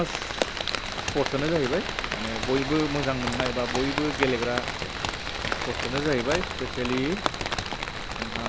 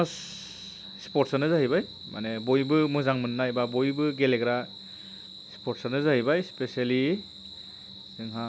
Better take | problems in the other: second | background sound (Rain); 1 dB below the speech

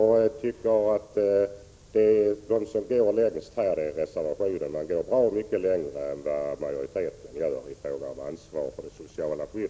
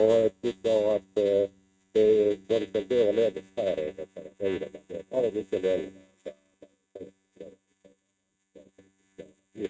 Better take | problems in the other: first | noise reduction (neural mask model RNNoise)

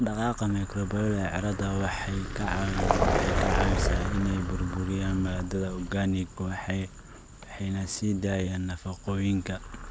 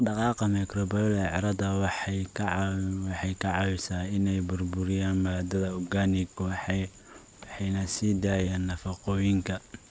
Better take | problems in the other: second | background sound (Vehicle); 3 dB below the speech

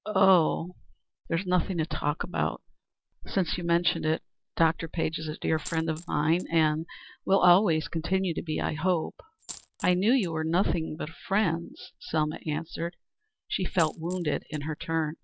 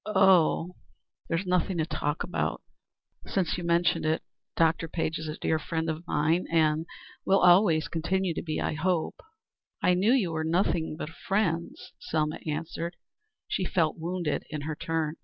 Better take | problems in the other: second | background sound (Coin (dropping)); 20 dB below the speech

